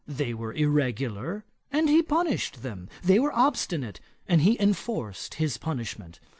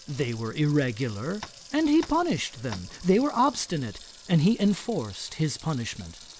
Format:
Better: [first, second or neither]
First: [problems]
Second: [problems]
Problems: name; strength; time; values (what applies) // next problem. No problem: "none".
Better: first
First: none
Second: background sound (Sink (filling or washing) / Water tap, faucet + Tap); 19 dB below the speech